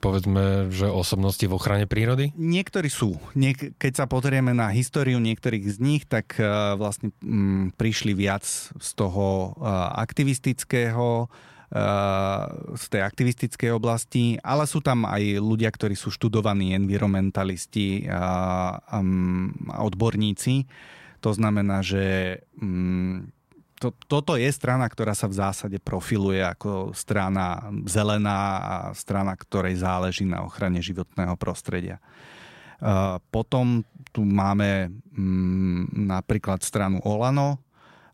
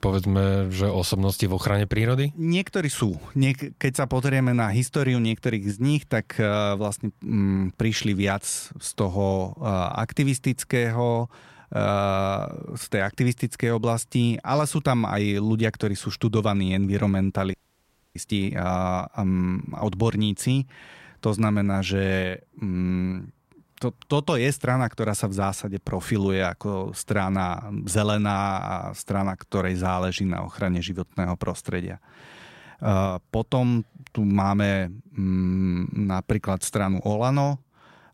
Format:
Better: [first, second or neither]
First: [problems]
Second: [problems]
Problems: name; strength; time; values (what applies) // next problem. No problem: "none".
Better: first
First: none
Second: audio freezing; at 18 s for 0.5 s